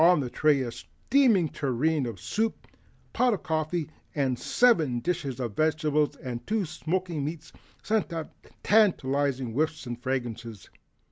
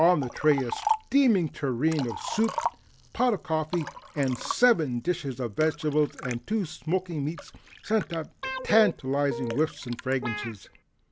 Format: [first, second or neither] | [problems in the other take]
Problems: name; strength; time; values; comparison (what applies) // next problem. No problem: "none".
first | background sound (Liquid + Guitar); 10 dB below the speech